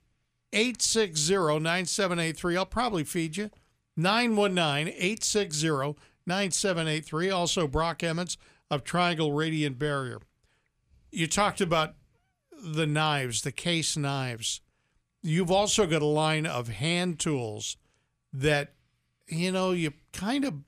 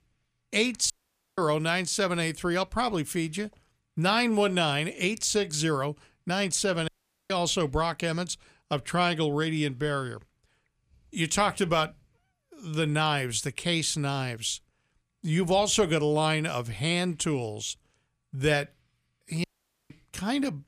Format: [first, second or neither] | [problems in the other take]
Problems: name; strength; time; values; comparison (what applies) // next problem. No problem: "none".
first | audio cutting out; at 1 s, at 7 s and at 19 s